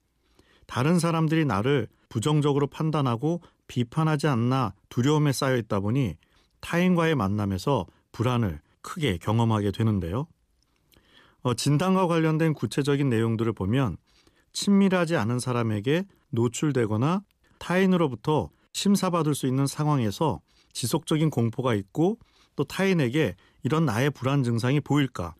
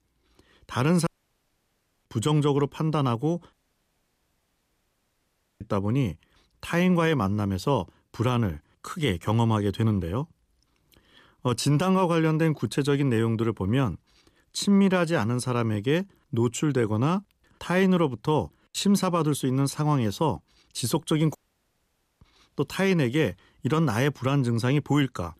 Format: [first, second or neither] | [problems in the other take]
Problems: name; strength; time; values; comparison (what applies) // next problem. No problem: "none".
first | audio cutting out; at 1 s for 1 s, at 3.5 s for 2 s and at 21 s for 1 s